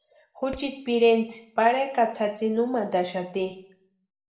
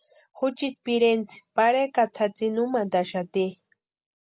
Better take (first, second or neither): second